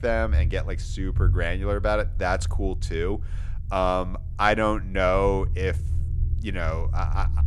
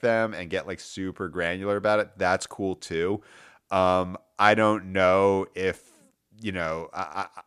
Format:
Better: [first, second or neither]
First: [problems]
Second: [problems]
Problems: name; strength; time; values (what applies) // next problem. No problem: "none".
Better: second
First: low rumble; faint; throughout; 20 dB below the speech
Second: none